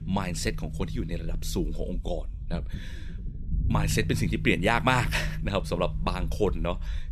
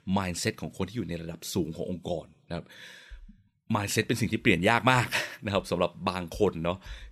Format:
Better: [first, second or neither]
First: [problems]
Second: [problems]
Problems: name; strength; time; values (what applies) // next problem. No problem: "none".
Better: second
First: low rumble; noticeable; throughout; 20 dB below the speech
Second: none